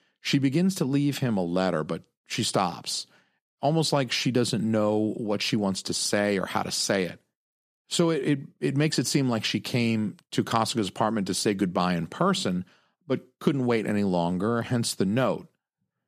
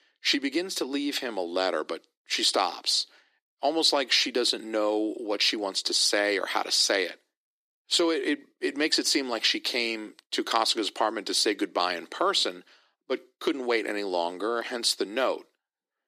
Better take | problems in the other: first | thin; somewhat; fading below 300 Hz

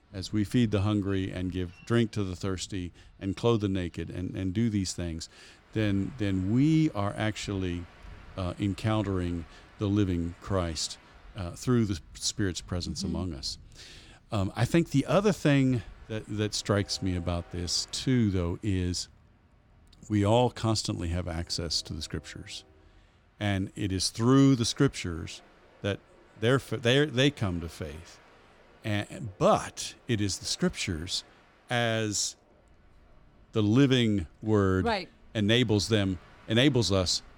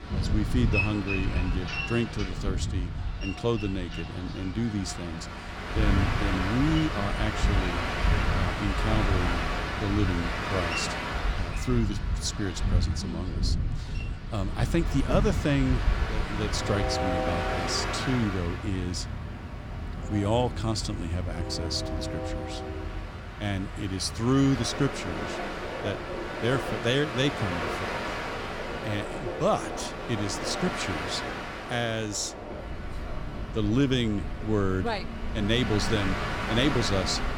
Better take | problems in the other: first | train or aircraft noise; loud; throughout; 2 dB below the speech; faint in the first

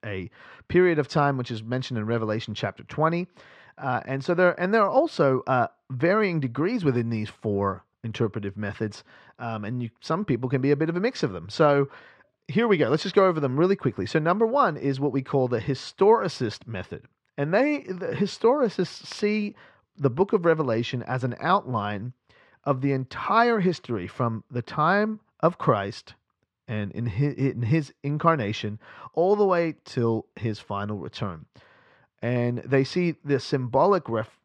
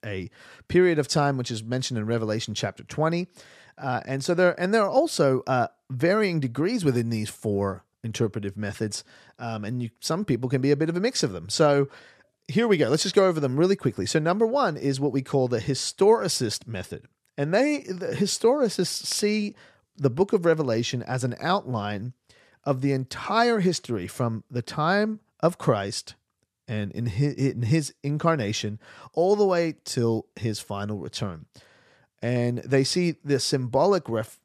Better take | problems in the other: second | muffled; slightly; fading above 3 kHz

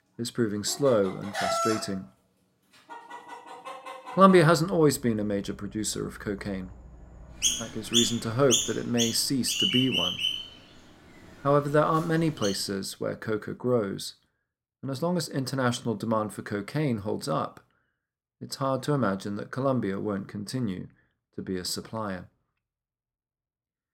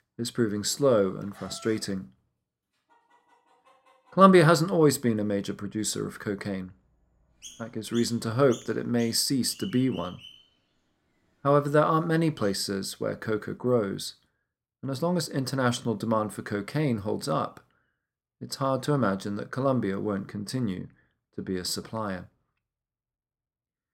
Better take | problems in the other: second | animal sounds; loud; until 13 s; 1 dB below the speech; faint in the second

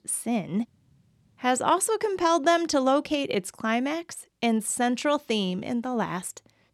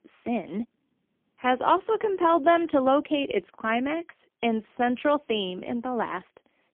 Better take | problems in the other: first | phone-call audio; poor line; nothing above 3.5 kHz

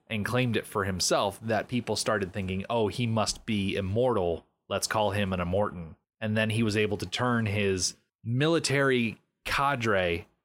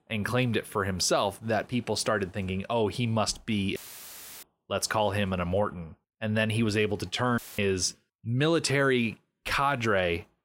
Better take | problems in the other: first | audio cutting out; filled with static; at 4 s for 0.5 s and at 7.5 s

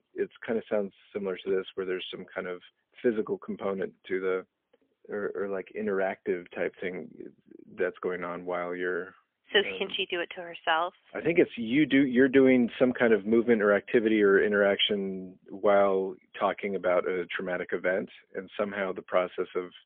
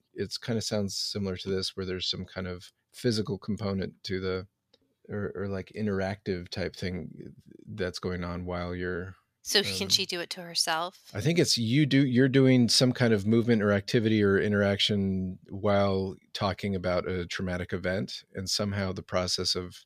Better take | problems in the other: second | phone-call audio; poor line; nothing above 3.5 kHz

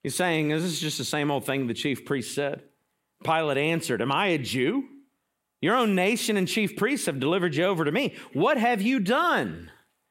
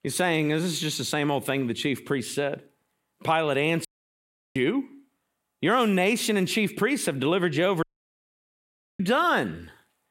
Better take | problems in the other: first | audio cutting out; at 4 s for 0.5 s and at 8 s for 1 s

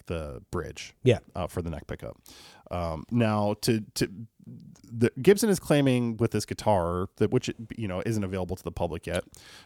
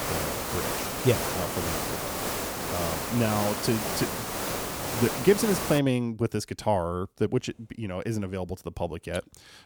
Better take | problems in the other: first | hiss; loud; until 6 s; 1 dB below the speech

